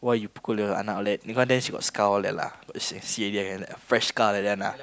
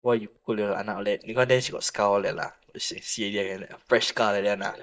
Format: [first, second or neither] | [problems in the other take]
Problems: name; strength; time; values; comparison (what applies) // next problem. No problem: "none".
first | noise reduction (neural mask model DeepFilterNet 3)